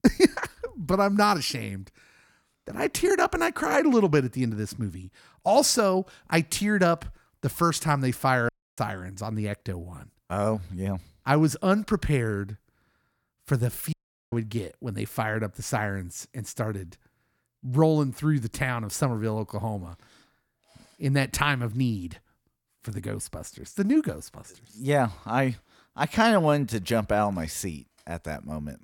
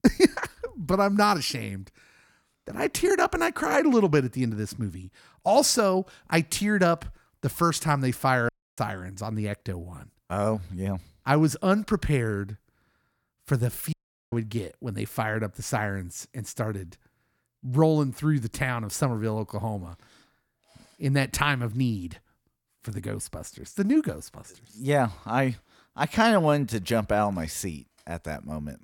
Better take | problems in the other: neither | audio cutting out; at 8.5 s and at 14 s; the same in both

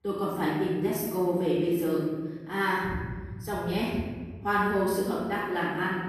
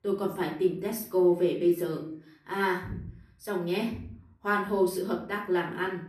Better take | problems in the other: second | room echo; strong; dies away in 1.8 s; slight in the second // off-mic speech; far; far in the second

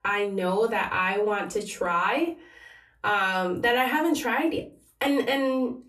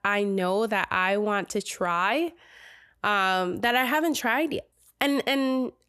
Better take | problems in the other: second | off-mic speech; far // room echo; very slight; dies away in 0.2 s

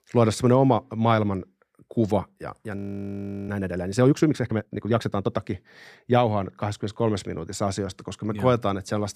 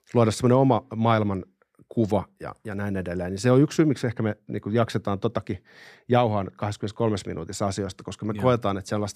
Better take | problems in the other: second | audio freezing; at 3 s for 0.5 s

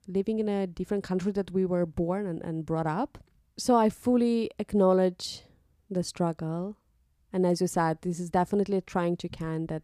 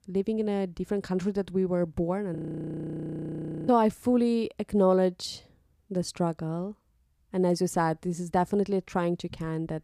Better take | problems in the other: first | audio freezing; at 2.5 s for 1.5 s

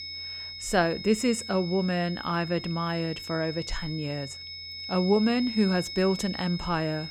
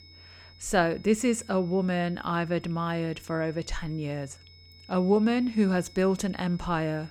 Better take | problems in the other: second | high-pitched whine; loud; throughout; 5 kHz, 9 dB below the speech; faint in the second

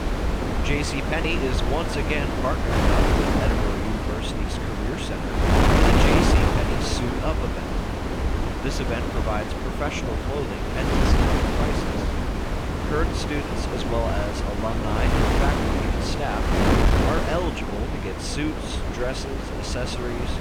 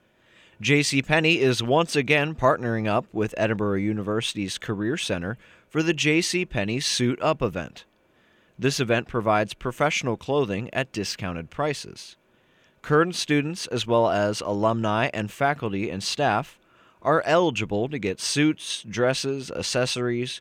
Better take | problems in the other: second | wind noise on the microphone; heavy; 3 dB above the speech

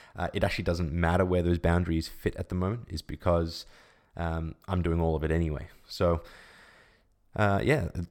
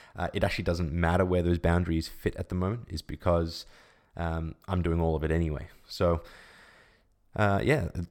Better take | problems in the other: neither | none

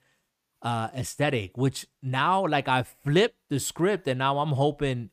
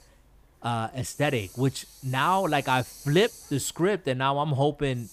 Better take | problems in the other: first | hiss; noticeable; throughout; 20 dB below the speech

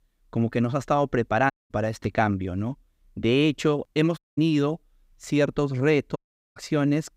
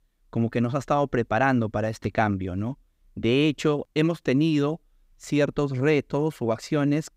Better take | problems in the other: second | audio cutting out; at 1.5 s, at 4 s and at 6 s

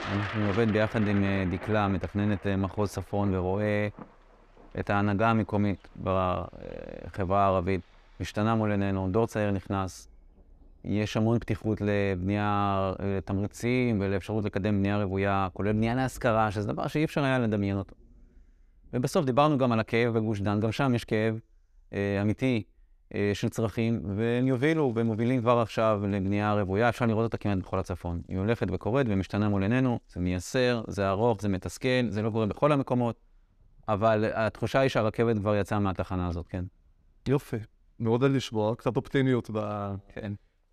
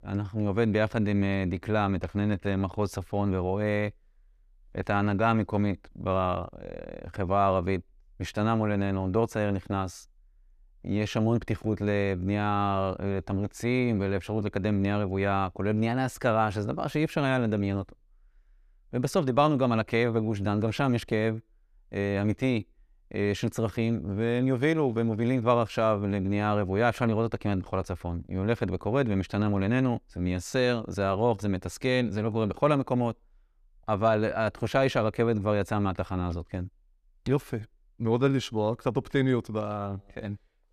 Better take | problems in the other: second | rain or running water; noticeable; throughout; 20 dB below the speech

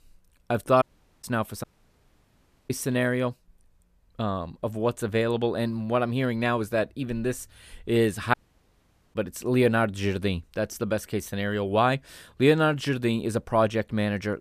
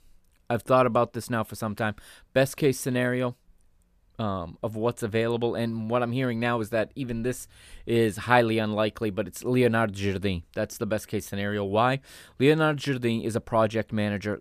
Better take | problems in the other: second | audio cutting out; at 1 s, at 1.5 s for 1 s and at 8.5 s for 1 s

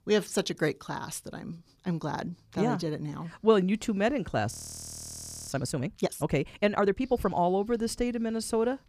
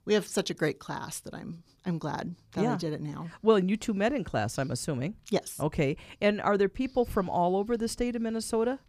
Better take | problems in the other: second | audio freezing; at 4.5 s for 1 s

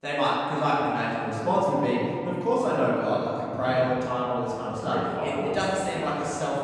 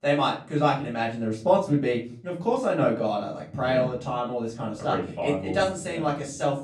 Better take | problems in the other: second | room echo; strong; dies away in 2.7 s; slight in the second // off-mic speech; far; far in the second

